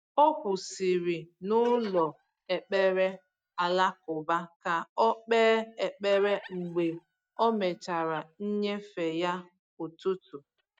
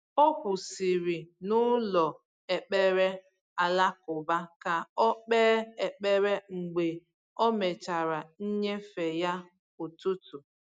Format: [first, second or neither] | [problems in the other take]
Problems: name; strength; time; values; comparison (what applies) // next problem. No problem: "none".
second | noise reduction (neural mask model DeepFilterNet 3)